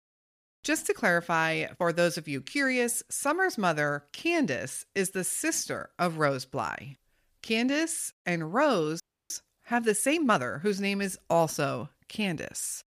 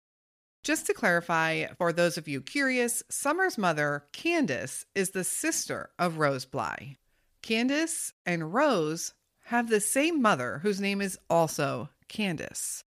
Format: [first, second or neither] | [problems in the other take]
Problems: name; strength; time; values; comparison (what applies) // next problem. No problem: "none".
second | audio freezing; at 9 s